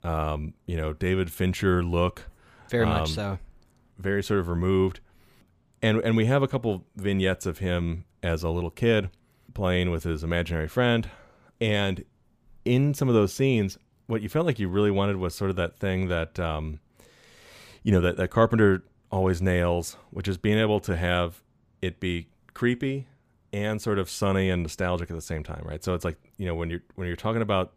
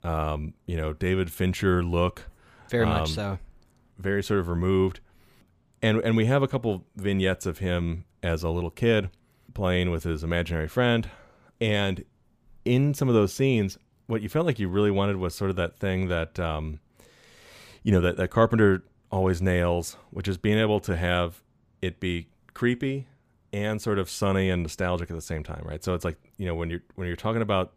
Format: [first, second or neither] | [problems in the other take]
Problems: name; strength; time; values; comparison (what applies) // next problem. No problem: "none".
neither | none